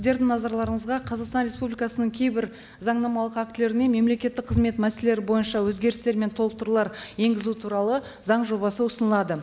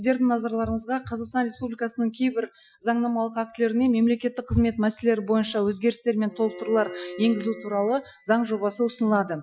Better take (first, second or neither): first